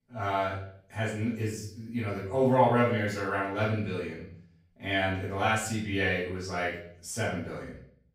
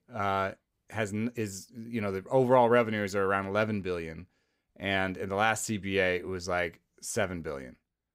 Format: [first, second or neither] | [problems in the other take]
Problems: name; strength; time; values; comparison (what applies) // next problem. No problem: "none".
second | off-mic speech; far // room echo; noticeable; dies away in 0.5 s